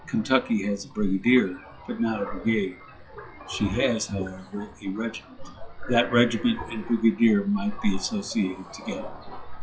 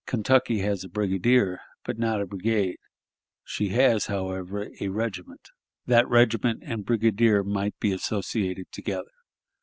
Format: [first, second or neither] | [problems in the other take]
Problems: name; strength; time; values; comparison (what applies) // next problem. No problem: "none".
second | noise reduction (classical method WPE with log-MMSE)